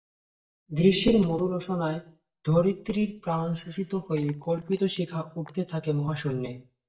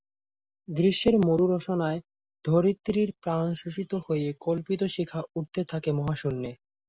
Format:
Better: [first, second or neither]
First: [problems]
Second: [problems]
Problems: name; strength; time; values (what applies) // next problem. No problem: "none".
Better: second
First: noise reduction (neural mask model DeepFilterNet 3)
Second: none